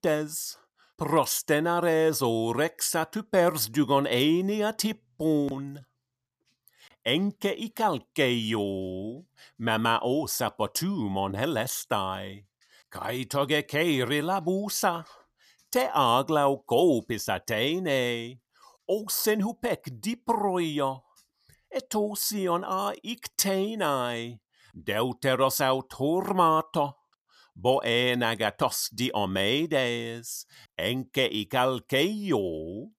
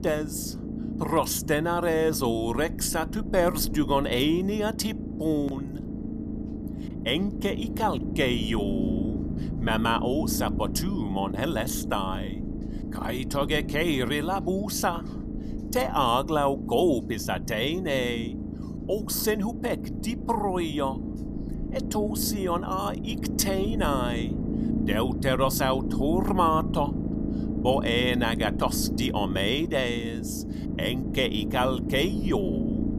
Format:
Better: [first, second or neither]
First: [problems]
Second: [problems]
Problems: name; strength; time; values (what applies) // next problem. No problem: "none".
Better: first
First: none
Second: low rumble; noticeable; throughout; 10 dB below the speech